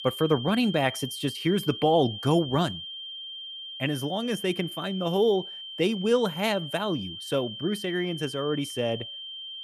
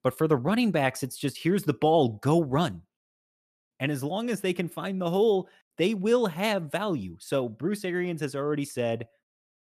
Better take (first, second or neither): second